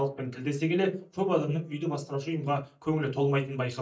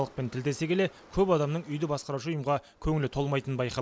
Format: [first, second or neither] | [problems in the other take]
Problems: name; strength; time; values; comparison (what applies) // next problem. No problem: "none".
second | noise reduction (neural mask model DeepFilterNet 3)